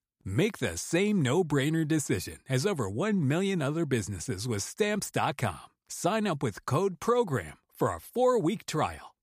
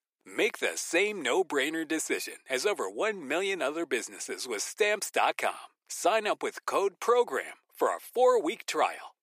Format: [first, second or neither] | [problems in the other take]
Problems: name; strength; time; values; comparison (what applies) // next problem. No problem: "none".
first | thin; very; fading below 350 Hz